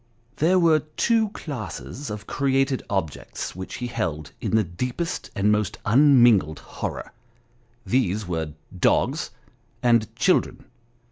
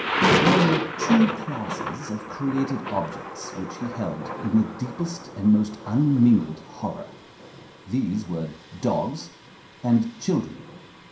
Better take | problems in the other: first | background sound (Thunder); 4 dB below the speech // room echo; dies away in 0.5 s

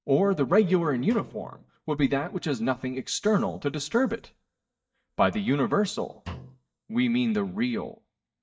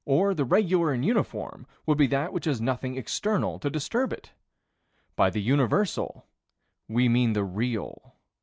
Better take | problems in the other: second | noise reduction (neural mask model DeepFilterNet 3)

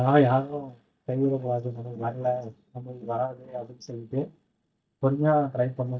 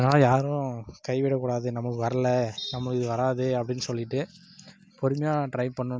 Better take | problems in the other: second | noise reduction (neural mask model DeepFilterNet 3)

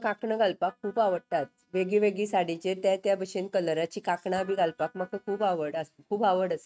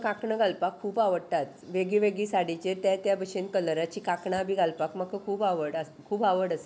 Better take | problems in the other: second | noise reduction (neural mask model RNNoise)

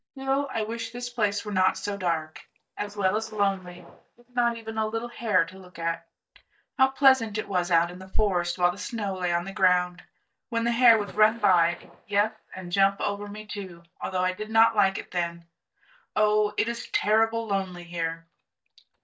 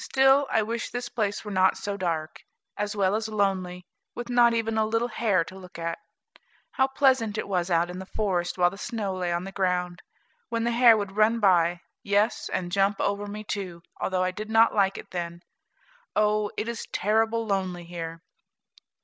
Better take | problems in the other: second | noise reduction (neural mask model DeepFilterNet 3)

